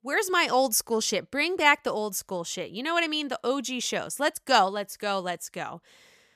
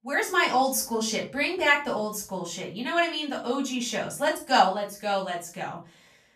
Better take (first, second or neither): first